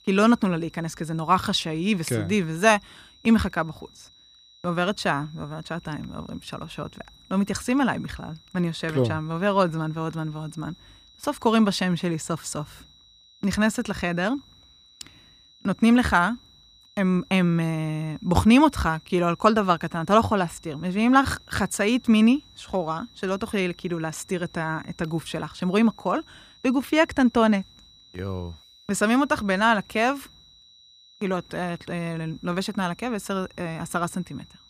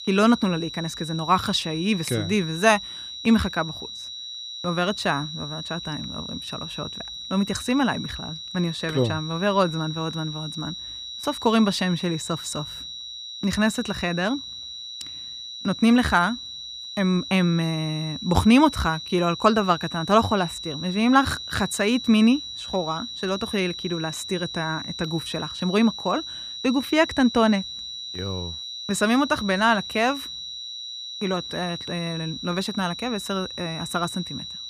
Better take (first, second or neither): first